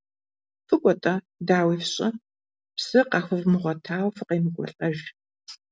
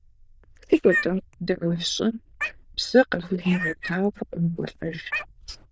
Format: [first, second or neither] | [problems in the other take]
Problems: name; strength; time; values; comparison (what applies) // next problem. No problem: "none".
first | noise reduction (neural diffusion model UNIVERSE++)